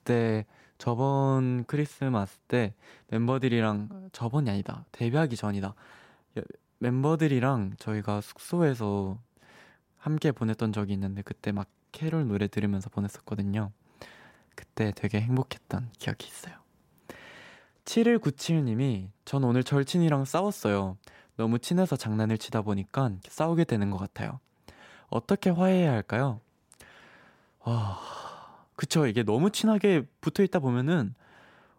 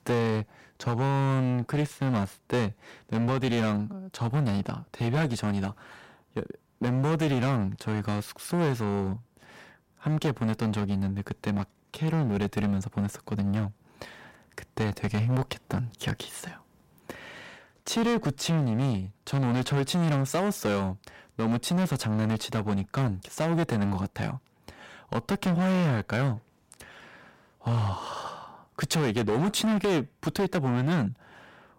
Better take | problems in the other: first | distortion; heavy; 13% of the sound clipped

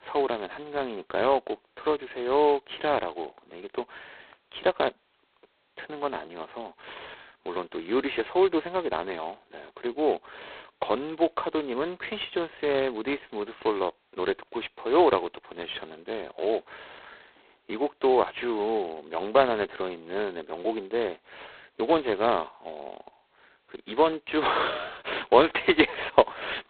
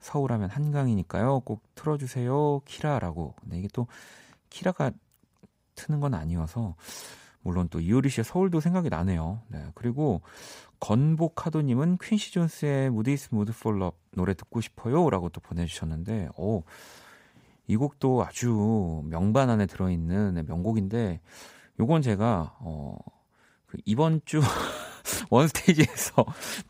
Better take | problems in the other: second | phone-call audio; poor line; nothing above 4 kHz

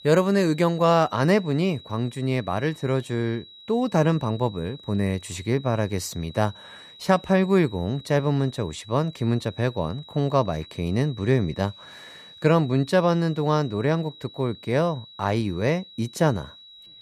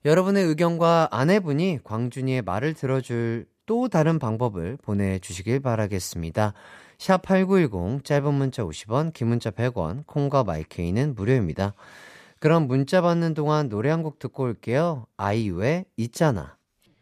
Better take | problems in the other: second | high-pitched whine; faint; throughout; 4 kHz, 20 dB below the speech

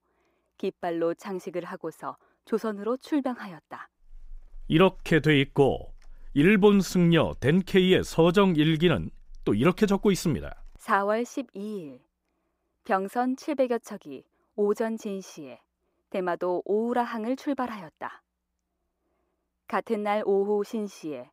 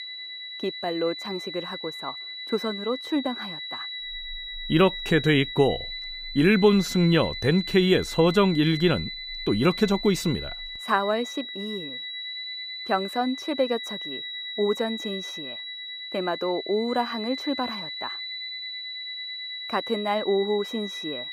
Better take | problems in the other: first | high-pitched whine; loud; throughout; 4 kHz, 8 dB below the speech

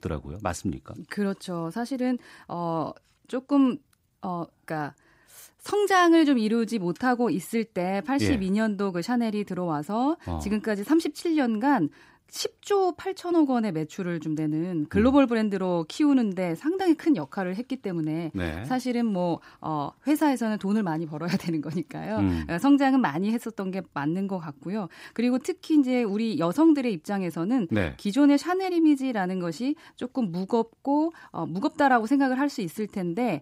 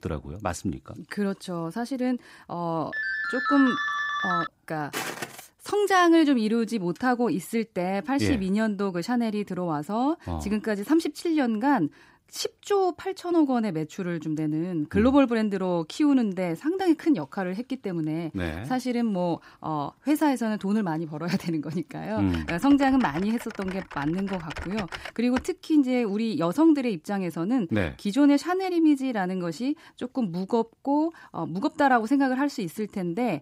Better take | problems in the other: first | phone ringing; loud; from 3 to 4.5 s; peak level with the speech // footsteps; noticeable; at 5 s; peak 5 dB below the speech // keyboard typing; faint; from 22 to 25 s; peak 10 dB below the speech

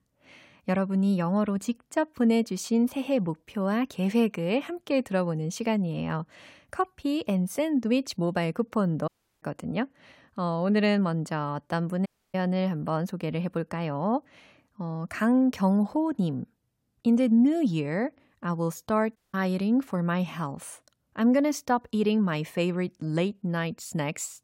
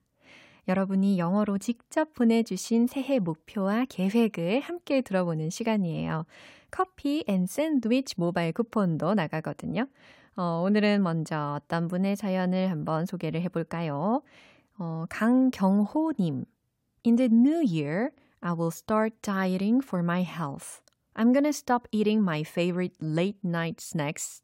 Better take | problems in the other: second | audio cutting out; at 9 s, at 12 s and at 19 s

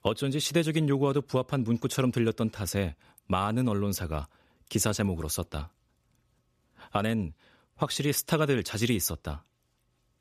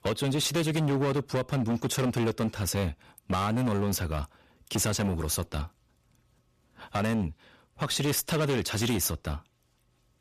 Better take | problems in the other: first | distortion; heavy; 17% of the sound clipped

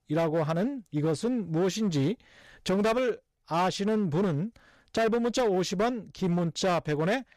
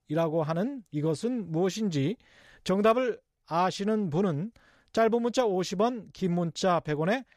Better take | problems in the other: second | distortion; slight; 11% of the sound clipped

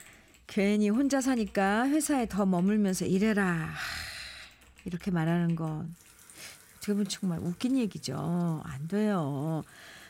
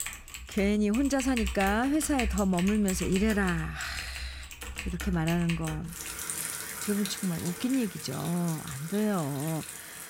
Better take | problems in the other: first | household noises; loud; throughout; 8 dB below the speech; faint in the first

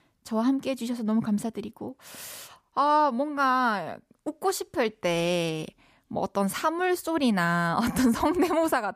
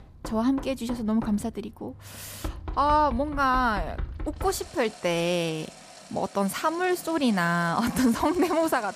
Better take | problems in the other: first | household noises; noticeable; throughout; 15 dB below the speech

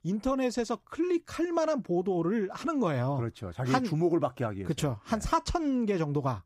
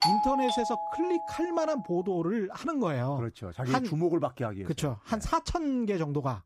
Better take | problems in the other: first | doorbell; loud; until 1.5 s; peak 5 dB above the speech

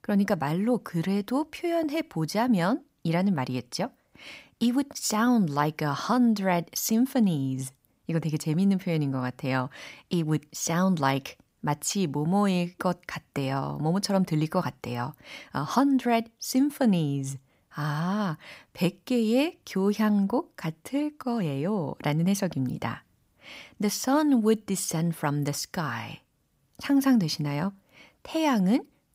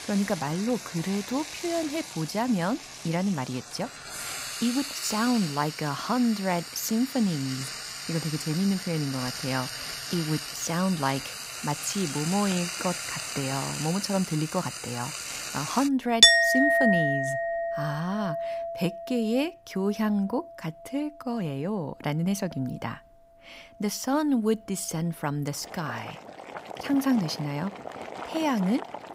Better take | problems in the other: first | household noises; loud; throughout; as loud as the speech

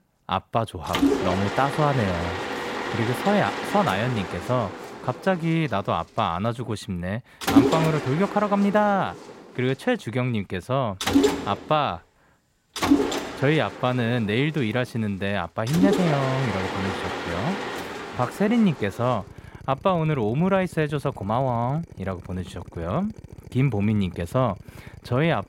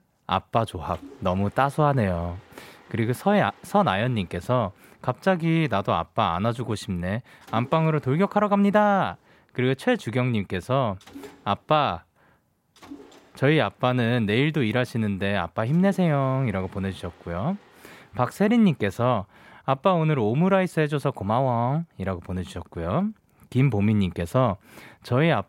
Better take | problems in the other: second | machinery noise; loud; throughout; 2 dB below the speech; faint in the second

